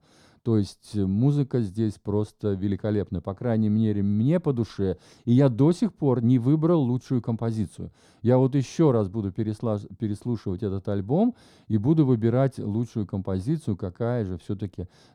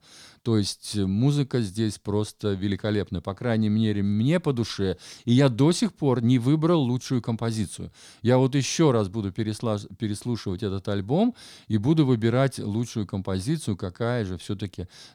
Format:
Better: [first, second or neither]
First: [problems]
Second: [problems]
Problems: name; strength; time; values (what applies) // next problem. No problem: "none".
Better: second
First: muffled; slightly; fading above 1.5 kHz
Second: none